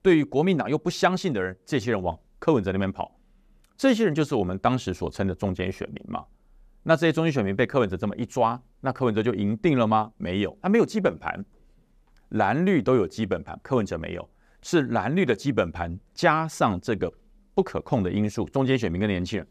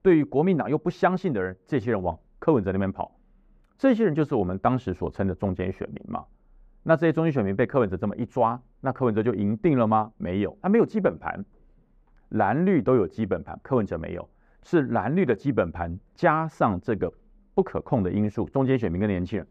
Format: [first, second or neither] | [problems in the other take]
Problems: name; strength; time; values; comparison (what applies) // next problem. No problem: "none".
first | muffled; very; fading above 3 kHz